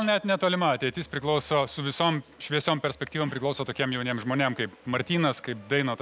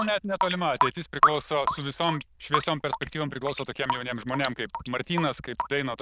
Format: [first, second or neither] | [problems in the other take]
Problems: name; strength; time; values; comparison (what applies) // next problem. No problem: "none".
first | noise reduction (neural diffusion model UNIVERSE++)